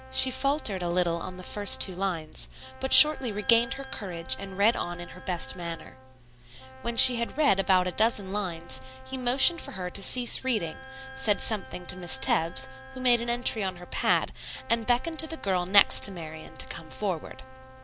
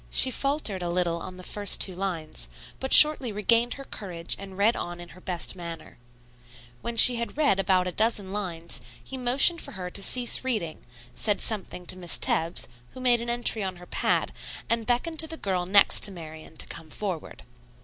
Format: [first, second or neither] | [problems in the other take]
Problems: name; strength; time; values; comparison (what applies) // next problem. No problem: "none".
second | background sound (Wind instrument, woodwind instrument + Brass instrument); 17 dB below the speech